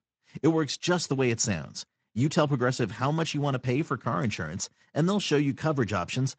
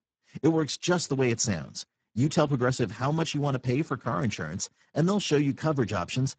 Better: first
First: garbled, watery; slightly; nothing above 7.5 kHz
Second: garbled, watery; badly; nothing above 7.5 kHz

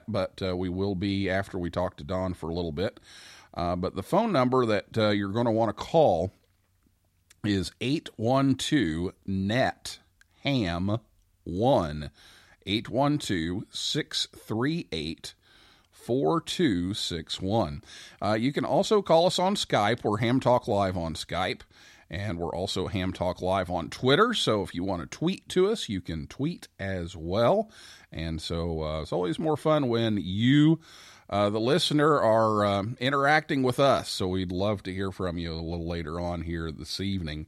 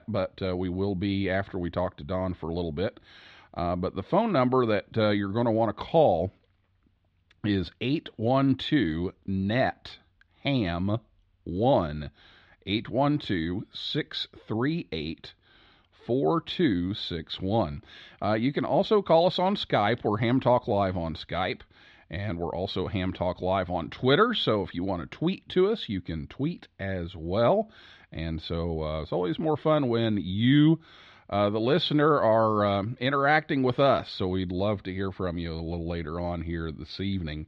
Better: first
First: none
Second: muffled; very slightly; fading above 3.5 kHz

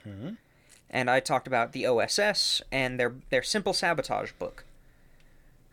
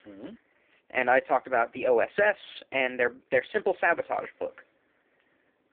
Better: first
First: none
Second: phone-call audio; poor line

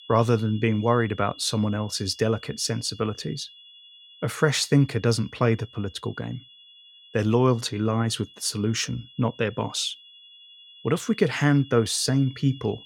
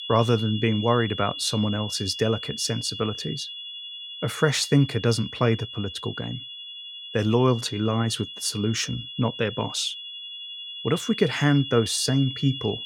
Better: first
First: high-pitched whine; faint; throughout; 3.5 kHz, 20 dB below the speech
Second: high-pitched whine; loud; throughout; 3.5 kHz, 9 dB below the speech

